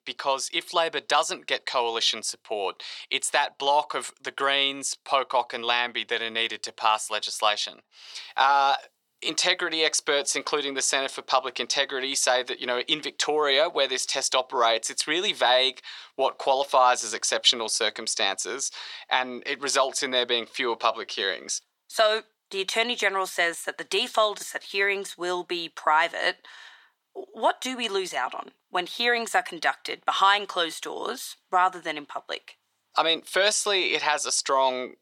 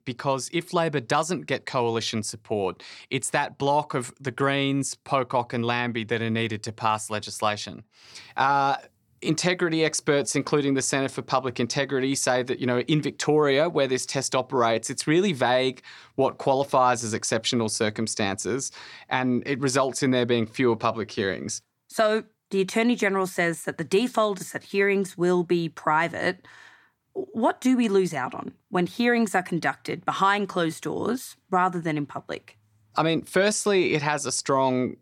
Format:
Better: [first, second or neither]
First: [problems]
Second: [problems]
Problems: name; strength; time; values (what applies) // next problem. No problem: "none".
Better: second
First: thin; very; fading below 650 Hz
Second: none